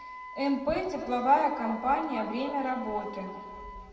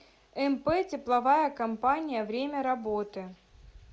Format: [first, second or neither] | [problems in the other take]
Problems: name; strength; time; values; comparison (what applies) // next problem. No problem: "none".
second | background sound (Wind instrument, woodwind instrument); 15 dB below the speech // room echo; dies away in 2 s